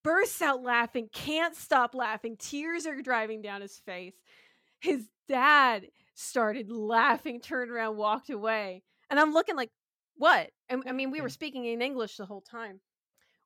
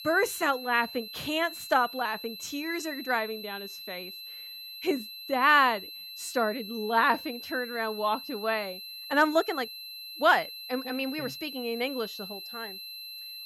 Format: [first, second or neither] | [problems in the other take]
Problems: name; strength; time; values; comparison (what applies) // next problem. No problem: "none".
first | high-pitched whine; noticeable; throughout; 4 kHz, 10 dB below the speech